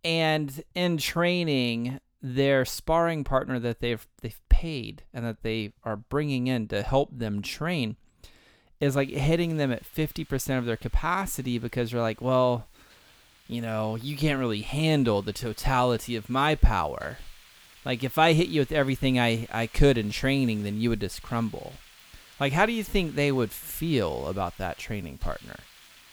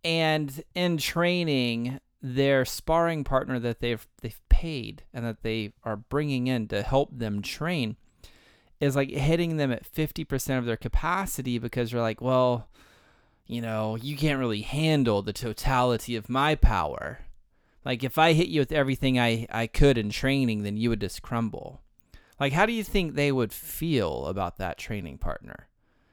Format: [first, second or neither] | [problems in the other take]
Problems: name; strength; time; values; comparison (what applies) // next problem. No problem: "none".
second | hiss; faint; from 9 s on; 25 dB below the speech